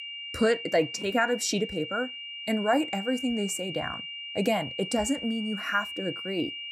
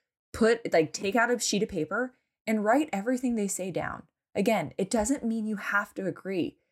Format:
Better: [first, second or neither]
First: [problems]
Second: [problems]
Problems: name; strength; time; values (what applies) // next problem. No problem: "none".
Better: second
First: high-pitched whine; loud; throughout; 3 kHz, 7 dB below the speech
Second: none